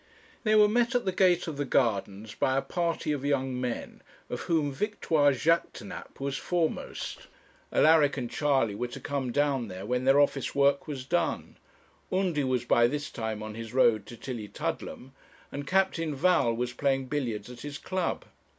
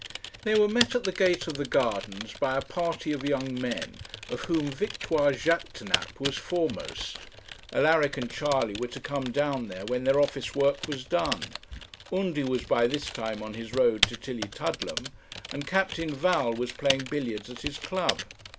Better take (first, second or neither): first